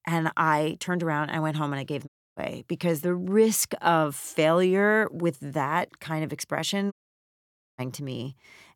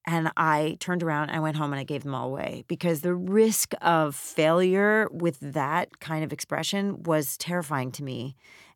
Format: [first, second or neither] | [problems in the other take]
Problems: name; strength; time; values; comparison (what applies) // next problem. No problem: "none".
second | audio cutting out; at 2 s and at 7 s for 1 s